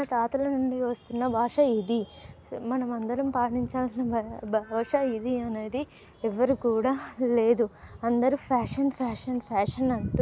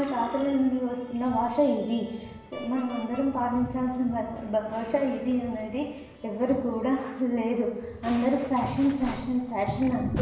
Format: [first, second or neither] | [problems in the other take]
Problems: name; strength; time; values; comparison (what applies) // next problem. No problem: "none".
first | background sound (Musical instrument); 19 dB below the speech // room echo; dies away in 0.9 s